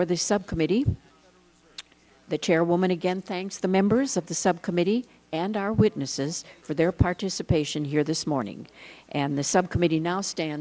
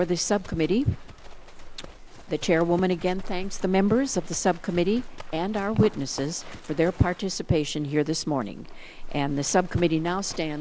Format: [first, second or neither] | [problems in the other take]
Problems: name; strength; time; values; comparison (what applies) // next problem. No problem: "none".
first | background sound (Livestock, farm animals, working animals); 11 dB below the speech